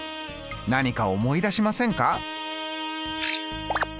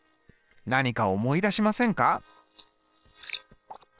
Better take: first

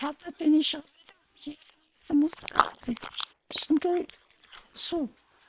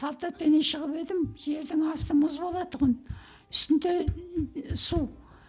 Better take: second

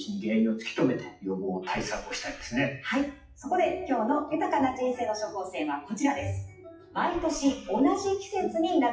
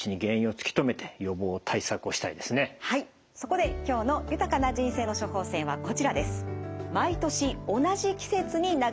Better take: second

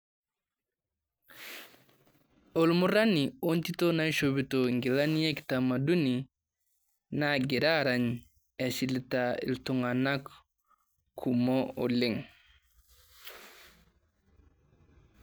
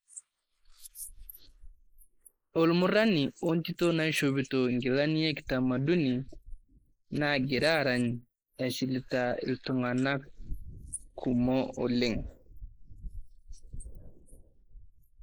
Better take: first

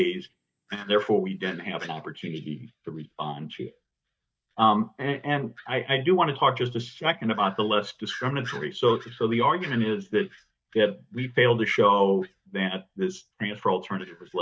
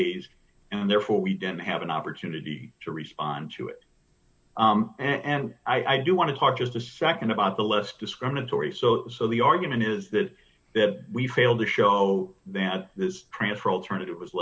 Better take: second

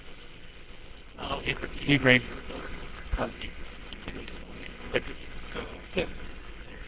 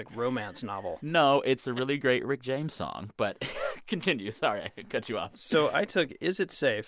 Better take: second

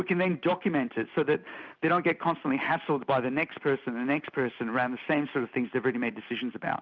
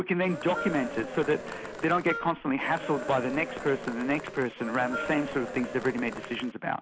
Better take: first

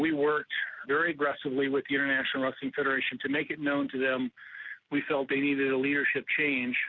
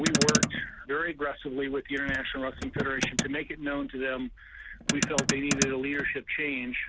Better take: first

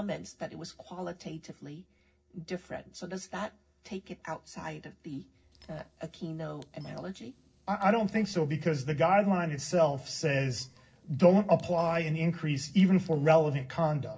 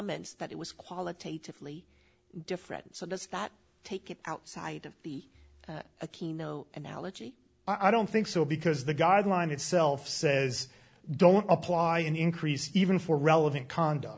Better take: second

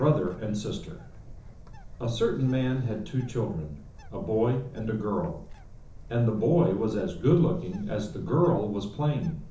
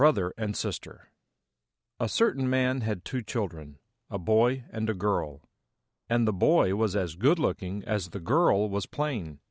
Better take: second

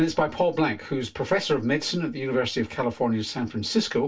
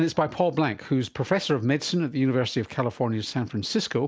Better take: second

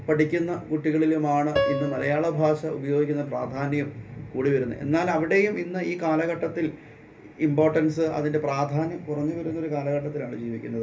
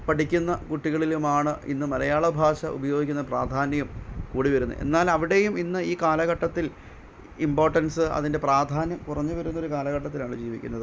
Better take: second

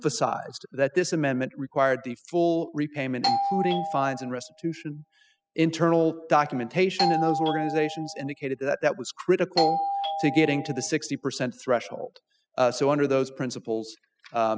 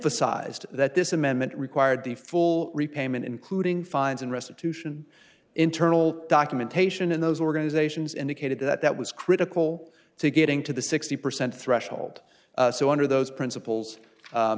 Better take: second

